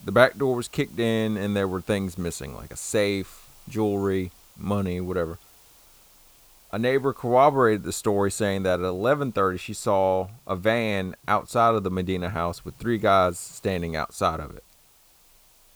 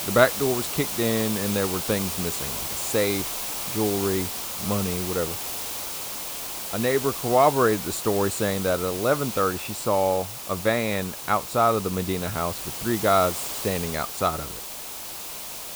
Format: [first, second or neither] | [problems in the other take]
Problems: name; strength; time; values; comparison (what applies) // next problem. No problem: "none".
first | hiss; loud; throughout; 5 dB below the speech; faint in the first